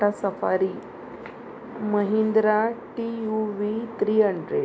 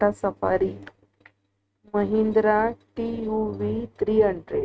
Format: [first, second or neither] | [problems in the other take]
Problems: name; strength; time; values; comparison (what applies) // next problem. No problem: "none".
first | noise reduction (neural mask model RNNoise)